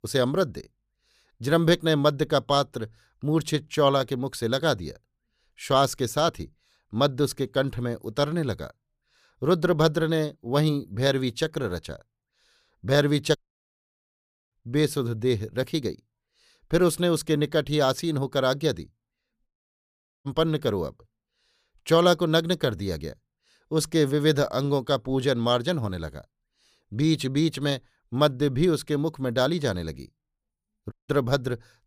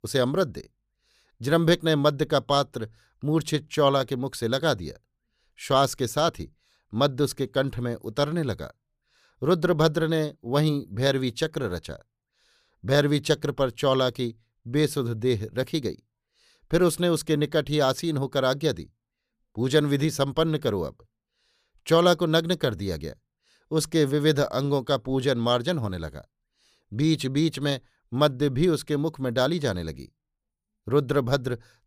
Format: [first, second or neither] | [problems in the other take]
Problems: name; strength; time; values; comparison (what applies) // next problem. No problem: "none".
second | audio cutting out; at 13 s for 1 s, at 19 s for 1 s and at 31 s